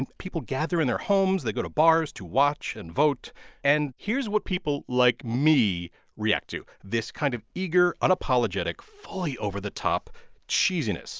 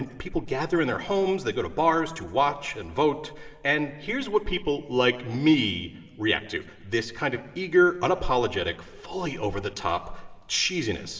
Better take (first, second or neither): first